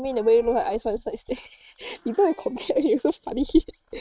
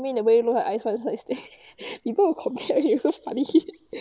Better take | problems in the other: second | noise reduction (neural mask model RNNoise)

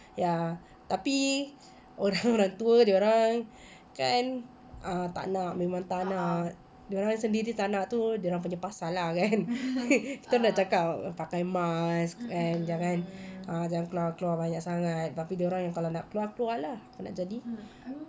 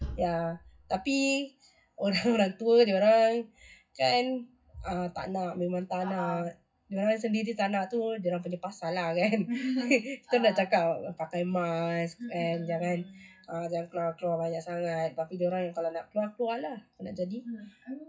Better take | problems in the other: first | noise reduction (classical method WPE with log-MMSE)

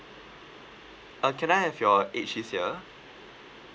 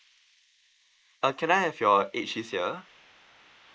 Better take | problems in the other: first | noise reduction (neural mask model Resemble Enhance denoiser)

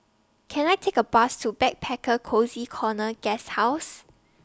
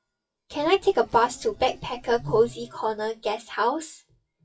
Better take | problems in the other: first | noise reduction (classical method WPE with log-MMSE)

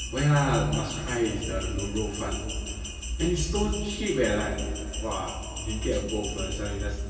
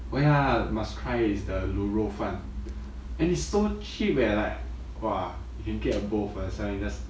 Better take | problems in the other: second | background sound (Bell); 11 dB below the speech // room echo; dies away in 2.4 s

